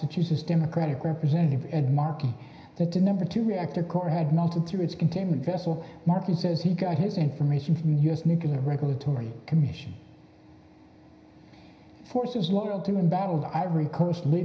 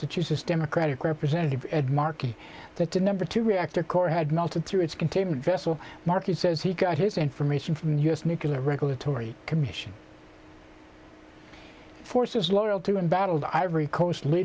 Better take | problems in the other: second | room echo; dies away in 0.9 s

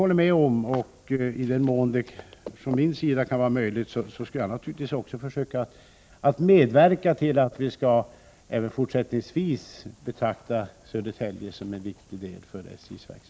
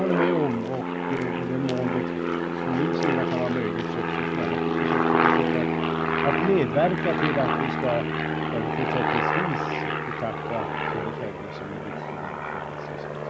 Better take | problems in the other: first | background sound (Aircraft); 4 dB above the speech

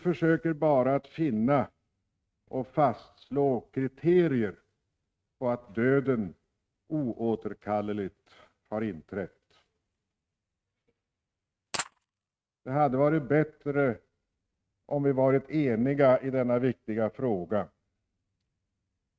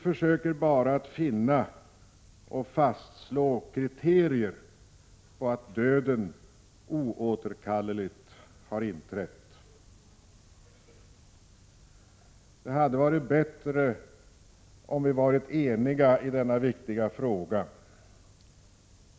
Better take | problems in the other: second | noise reduction (neural mask model RNNoise)

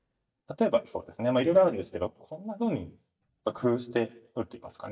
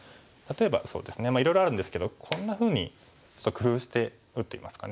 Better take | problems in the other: second | noise reduction (neural mask model DeepFilterNet 3)

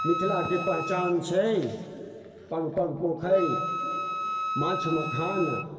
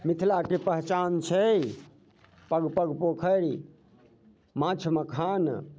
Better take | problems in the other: second | background sound (Wind instrument, woodwind instrument); 5 dB below the speech // room echo; dies away in 2.5 s

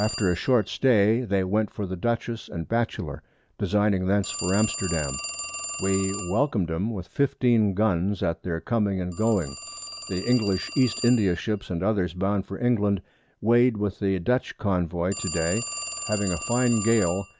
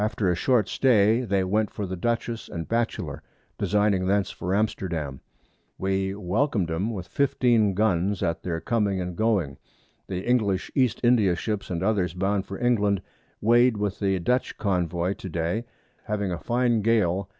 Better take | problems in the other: second | background sound (Telephone); 12 dB below the speech

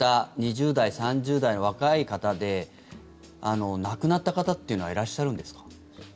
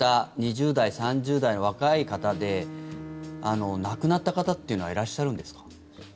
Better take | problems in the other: first | background sound (Bowed string instrument); 17 dB below the speech

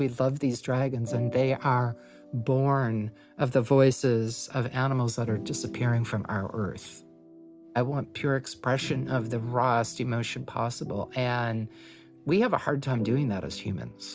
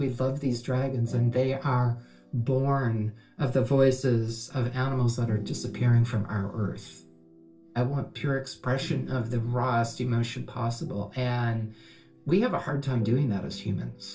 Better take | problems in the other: first | room echo; dies away in 0.2 s

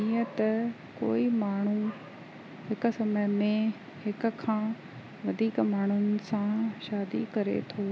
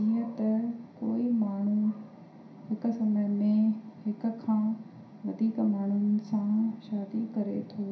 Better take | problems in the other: first | room echo; dies away in 0.5 s

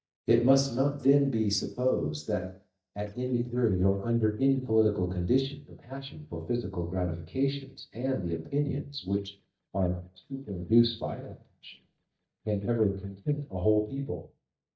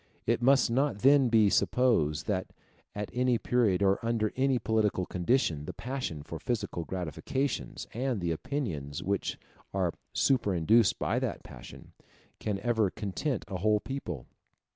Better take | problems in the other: second | noise reduction (neural mask model DeepFilterNet 3)

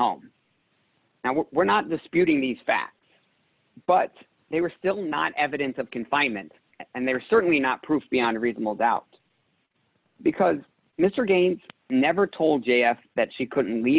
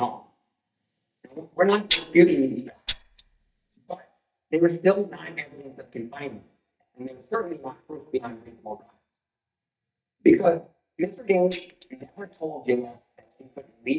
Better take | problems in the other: first | noise reduction (neural mask model DeepFilterNet 3)

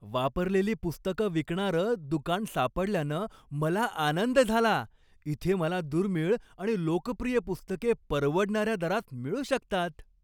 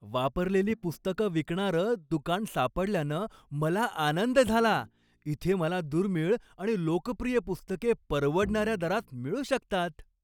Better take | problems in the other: first | noise reduction (neural mask model DeepFilterNet 3)

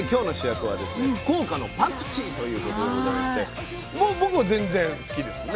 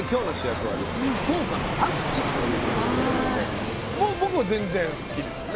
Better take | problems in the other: first | background sound (Fixed-wing aircraft, airplane); 2 dB below the speech

